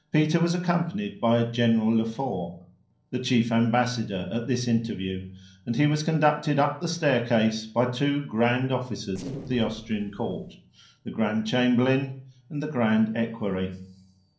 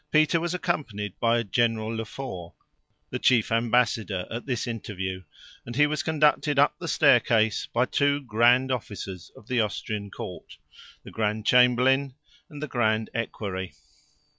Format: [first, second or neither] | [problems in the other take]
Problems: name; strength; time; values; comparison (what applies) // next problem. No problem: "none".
second | noise reduction (neural separator model SepFormer DNS4)